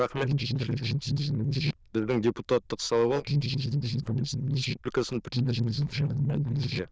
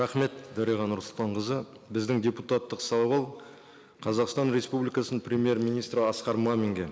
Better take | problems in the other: second | noise reduction (neural diffusion model UNIVERSE++)

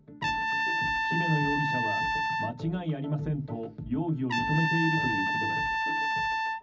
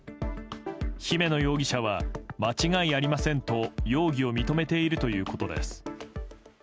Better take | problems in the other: second | background sound (Trumpet); 2 dB above the speech // room echo; dies away in 0.4 s

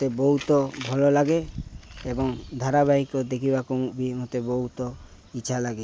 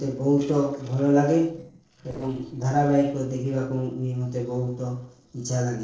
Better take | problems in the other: first | noise reduction (neural separator model SepFormer DNS4)

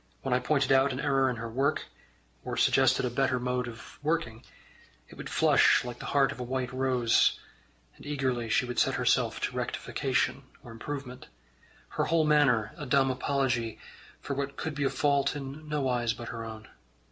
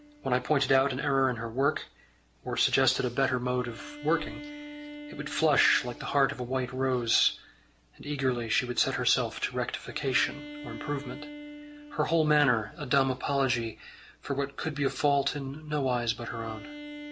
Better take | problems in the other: first | background sound (Bowed string instrument); 17 dB below the speech

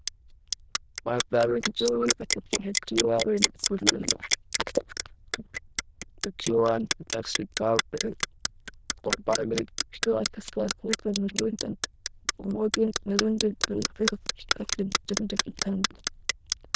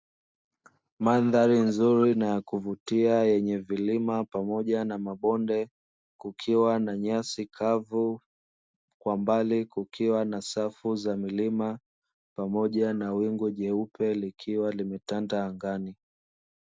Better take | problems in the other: second | noise reduction (neural diffusion model UNIVERSE++)

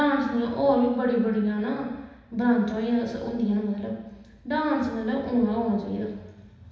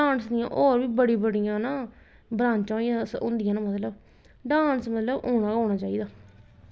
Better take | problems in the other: second | room echo; dies away in 1.1 s

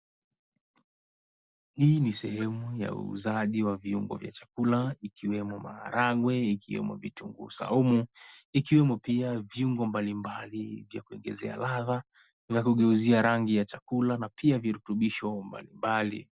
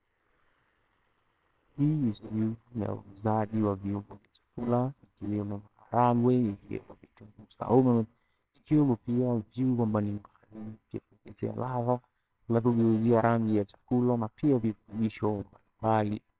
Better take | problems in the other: first | noise reduction (neural separator model SepFormer WHAMR!)

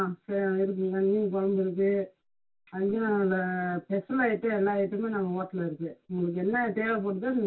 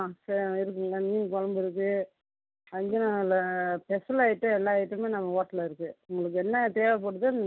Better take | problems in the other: second | room echo; dies away in 0.1 s

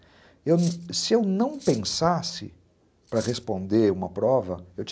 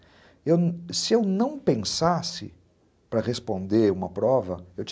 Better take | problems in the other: second | background sound (Cutlery, silverware); 20 dB below the speech

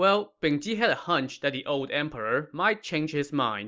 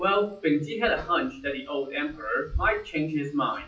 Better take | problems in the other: first | noise reduction (classical method WPE with log-MMSE)

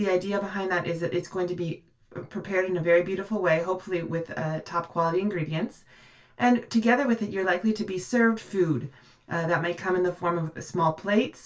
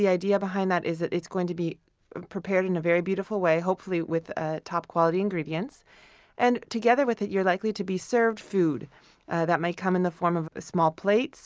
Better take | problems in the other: second | room echo; dies away in 0.2 s

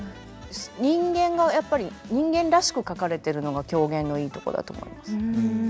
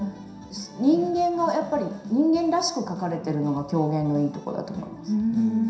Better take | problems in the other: first | background sound (Whoosh, swoosh, swish); 19 dB below the speech // room echo; dies away in 0.7 s

